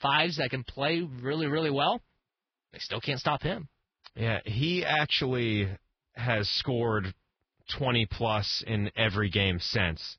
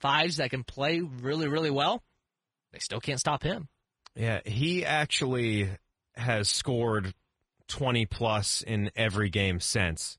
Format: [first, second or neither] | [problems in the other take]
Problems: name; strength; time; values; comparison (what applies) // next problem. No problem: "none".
second | garbled, watery; badly; nothing above 5.5 kHz; slightly in the second